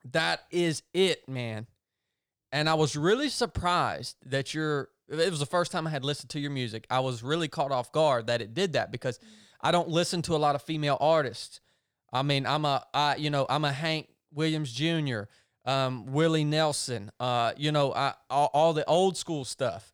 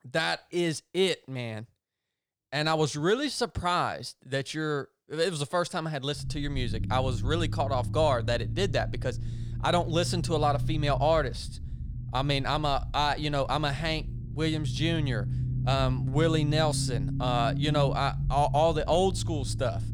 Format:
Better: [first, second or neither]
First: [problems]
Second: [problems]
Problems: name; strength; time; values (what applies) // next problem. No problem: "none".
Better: first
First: none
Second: low rumble; noticeable; from 6 s on; 15 dB below the speech